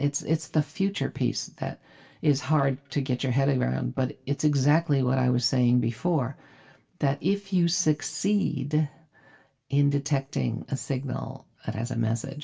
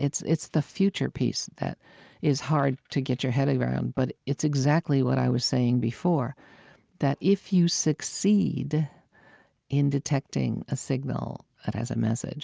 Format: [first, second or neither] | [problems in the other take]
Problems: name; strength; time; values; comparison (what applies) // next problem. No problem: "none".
second | room echo; dies away in 0.2 s